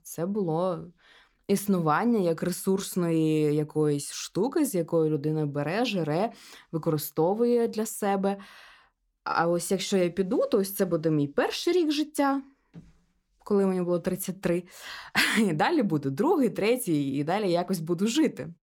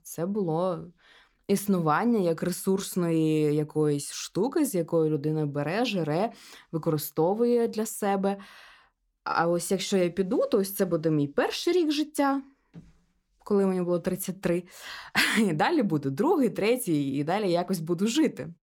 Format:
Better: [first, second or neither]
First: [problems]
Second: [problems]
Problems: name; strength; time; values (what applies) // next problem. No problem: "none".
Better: neither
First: none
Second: none